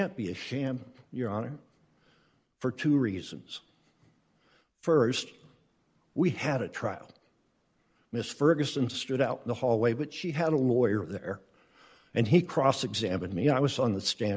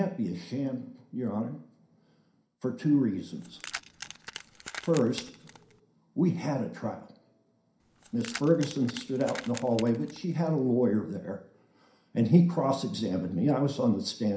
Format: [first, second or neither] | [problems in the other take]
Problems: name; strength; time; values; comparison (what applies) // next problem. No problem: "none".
first | background sound (Keys jangling); 15 dB below the speech // room echo; dies away in 0.5 s